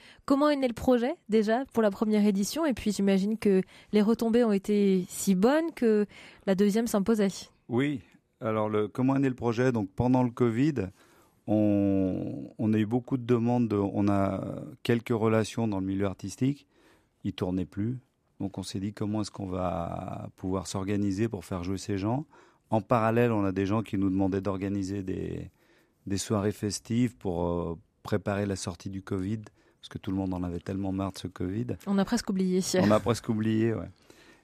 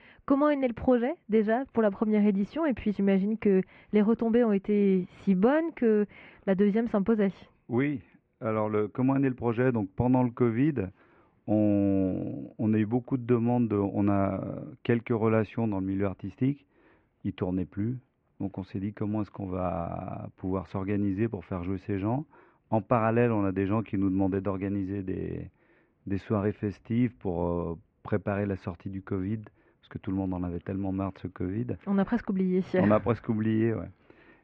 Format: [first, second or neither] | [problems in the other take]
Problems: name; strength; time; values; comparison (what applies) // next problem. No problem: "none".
first | muffled; very; fading above 2.5 kHz